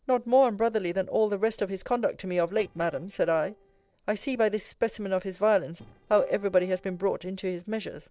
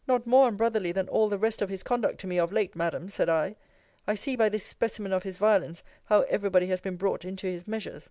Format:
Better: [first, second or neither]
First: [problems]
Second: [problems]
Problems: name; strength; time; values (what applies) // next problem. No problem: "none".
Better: second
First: noise reduction (neural separator model SepFormer DNS4)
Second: none